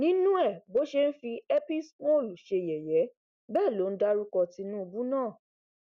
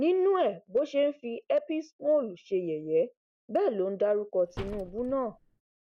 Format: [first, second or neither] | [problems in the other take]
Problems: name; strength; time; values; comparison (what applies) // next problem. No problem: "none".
first | background sound (Slam); 15 dB below the speech